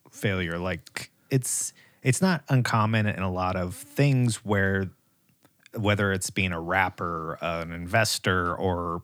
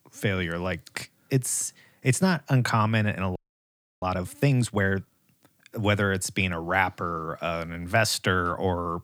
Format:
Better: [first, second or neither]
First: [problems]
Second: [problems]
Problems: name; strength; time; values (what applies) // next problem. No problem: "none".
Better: first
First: none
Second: audio freezing; at 3.5 s for 0.5 s